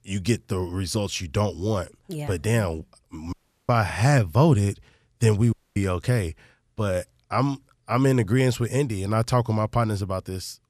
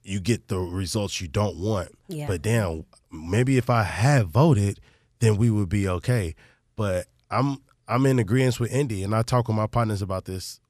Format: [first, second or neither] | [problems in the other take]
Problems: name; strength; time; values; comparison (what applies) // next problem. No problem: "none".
second | audio cutting out; at 3.5 s and at 5.5 s